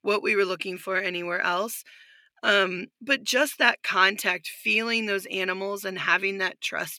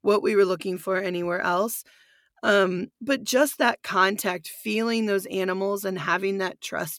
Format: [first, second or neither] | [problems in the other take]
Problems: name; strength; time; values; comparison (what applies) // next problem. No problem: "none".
second | thin; very slightly; fading below 350 Hz